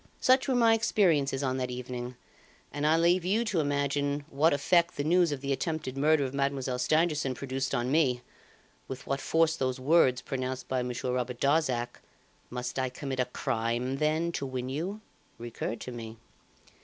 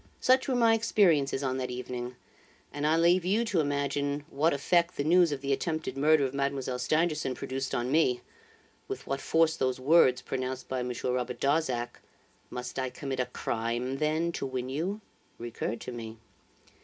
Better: first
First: none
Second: room echo; dies away in 0.3 s

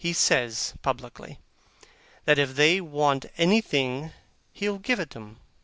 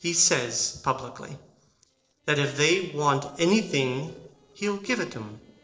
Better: first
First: none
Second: noise reduction (neural separator model SepFormer DNS4)

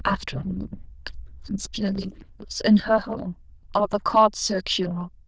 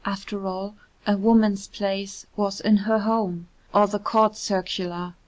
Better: second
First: noise reduction (neural diffusion model UNIVERSE++)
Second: none

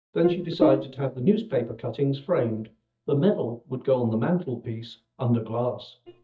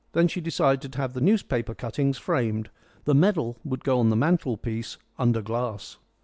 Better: second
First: noise reduction (neural mask model DeepFilterNet 3)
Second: none

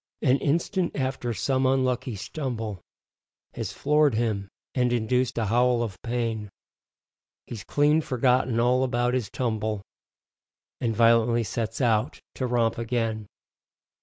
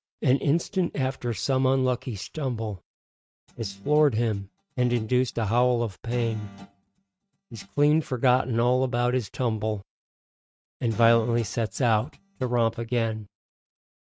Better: first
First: none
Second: noise reduction (neural mask model RNNoise)

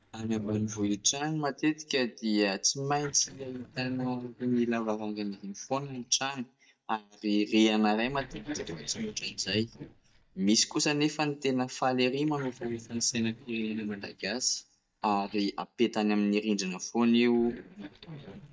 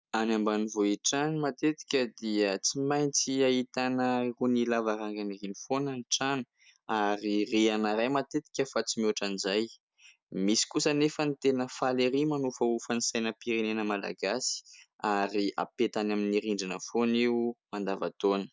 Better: second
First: noise reduction (neural mask model DeepFilterNet 3)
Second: none

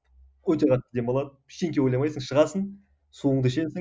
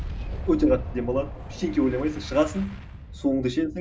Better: first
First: none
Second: background sound (Boom); 9 dB below the speech // room echo; dies away in 0.2 s

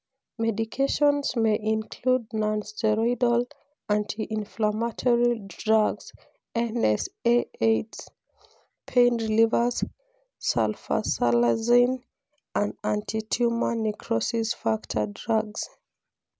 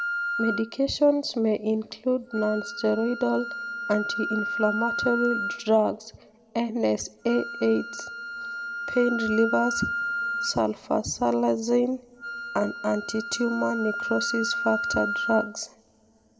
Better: first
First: none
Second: background sound (Wind instrument, woodwind instrument); 6 dB below the speech // room echo; dies away in 0.2 s

